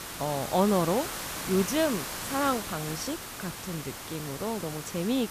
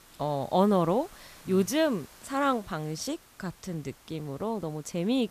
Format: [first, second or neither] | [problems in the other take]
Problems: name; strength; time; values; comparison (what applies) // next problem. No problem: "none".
second | hiss; loud; throughout; 5 dB below the speech; faint in the second